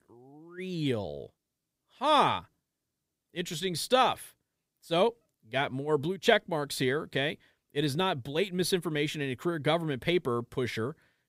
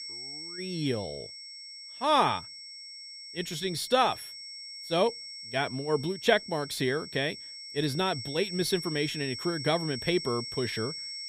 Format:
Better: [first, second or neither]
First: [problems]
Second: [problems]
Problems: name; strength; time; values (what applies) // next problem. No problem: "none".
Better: first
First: none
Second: high-pitched whine; loud; throughout; 5.5 kHz, 9 dB below the speech